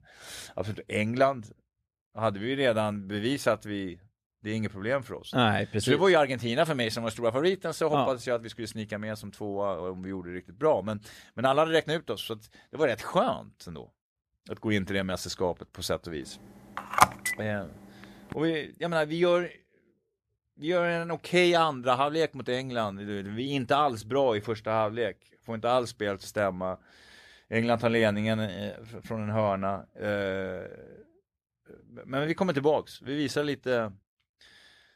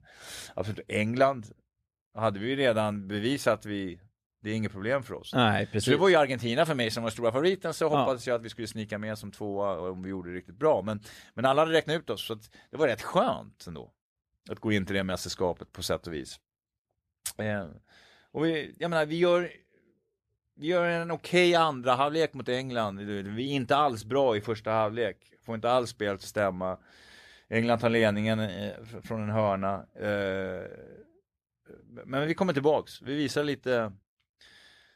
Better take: second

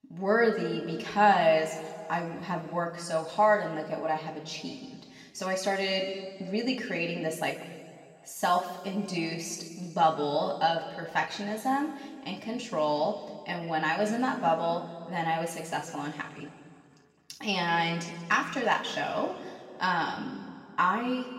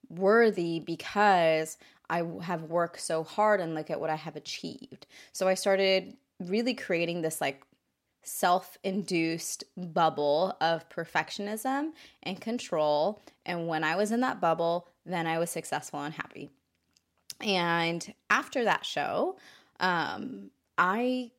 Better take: second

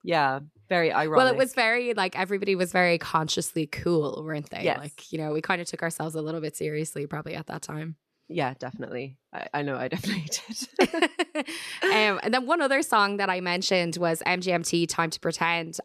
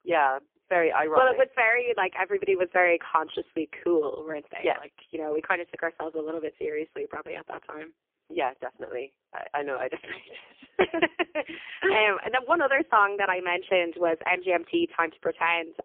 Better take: first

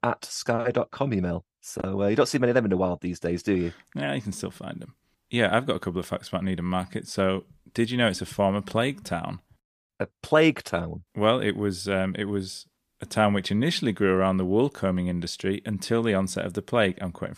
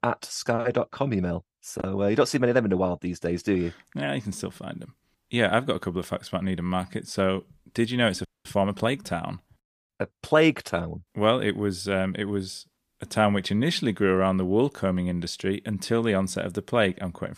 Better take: first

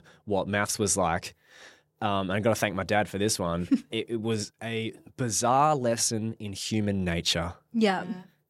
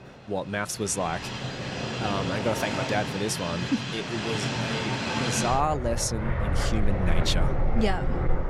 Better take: first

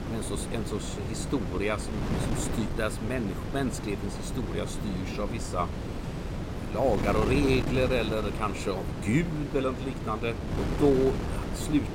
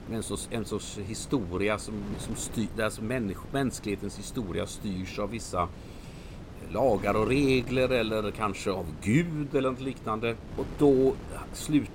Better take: second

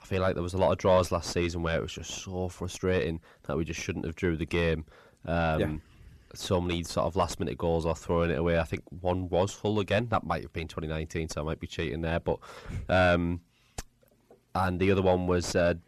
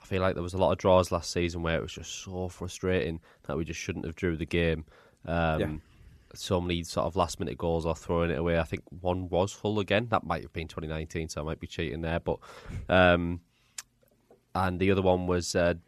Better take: second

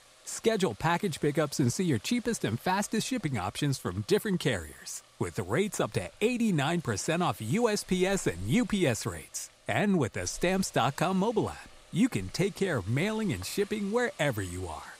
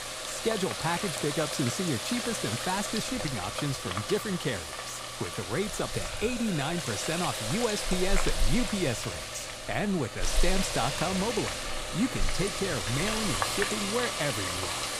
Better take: first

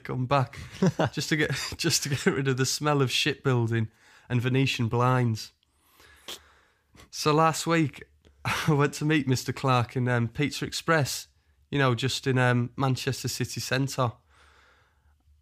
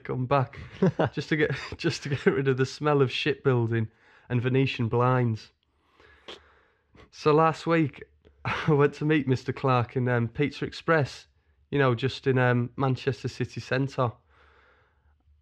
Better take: first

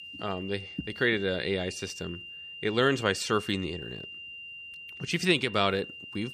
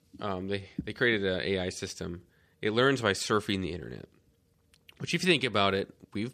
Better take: second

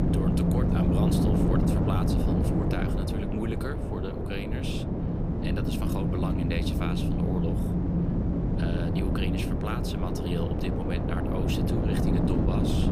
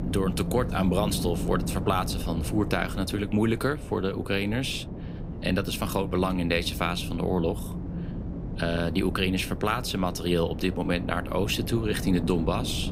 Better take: second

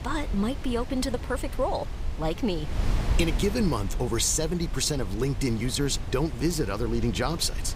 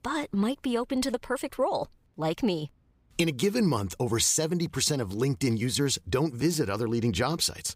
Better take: second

